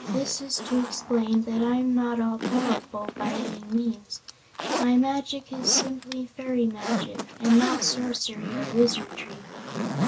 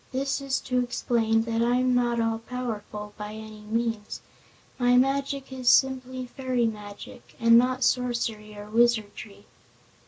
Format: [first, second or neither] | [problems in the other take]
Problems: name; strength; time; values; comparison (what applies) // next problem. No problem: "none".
second | background sound (Zipper (clothing)); 6 dB below the speech